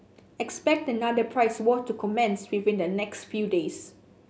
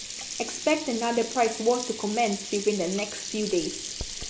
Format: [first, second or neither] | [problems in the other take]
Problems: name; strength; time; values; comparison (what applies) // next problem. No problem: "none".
first | background sound (Sink (filling or washing)); 8 dB below the speech